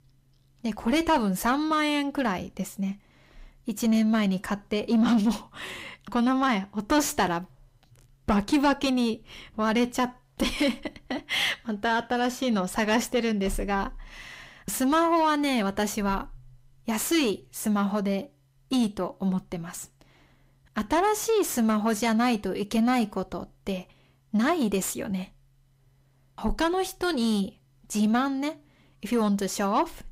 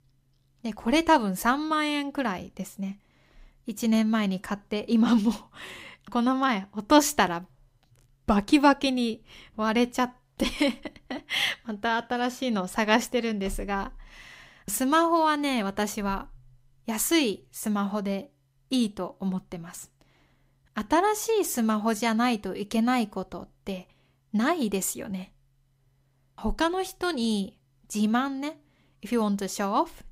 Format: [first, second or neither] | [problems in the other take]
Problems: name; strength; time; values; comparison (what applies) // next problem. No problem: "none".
second | distortion; slight; 10 dB below the speech